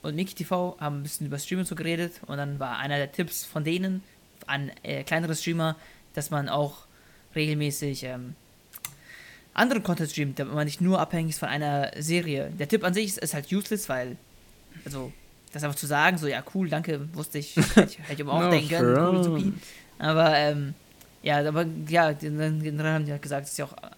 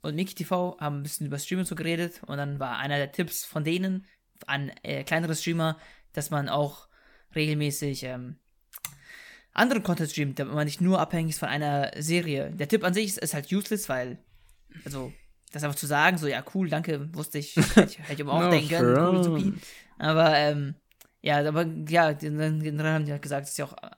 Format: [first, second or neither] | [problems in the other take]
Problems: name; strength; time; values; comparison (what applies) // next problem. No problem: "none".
second | hiss; faint; throughout; 30 dB below the speech